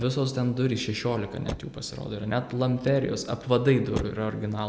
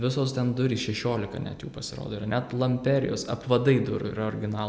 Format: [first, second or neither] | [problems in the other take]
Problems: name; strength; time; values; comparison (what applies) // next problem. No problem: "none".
second | background sound (Motor vehicle (road)); 16 dB below the speech